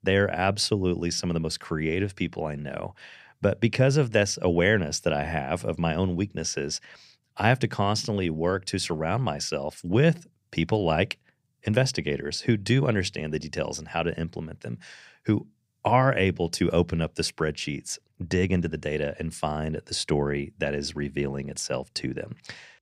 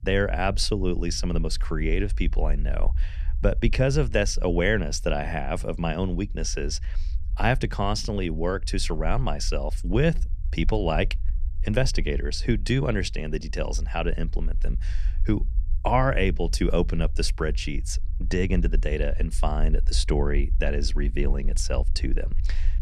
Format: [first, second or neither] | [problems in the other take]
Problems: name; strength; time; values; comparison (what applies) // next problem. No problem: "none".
first | low rumble; faint; throughout; 25 dB below the speech